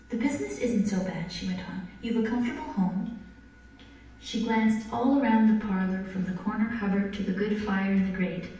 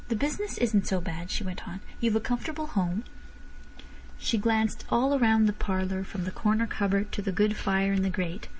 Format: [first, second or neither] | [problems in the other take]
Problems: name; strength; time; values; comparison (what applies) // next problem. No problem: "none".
second | room echo; dies away in 0.9 s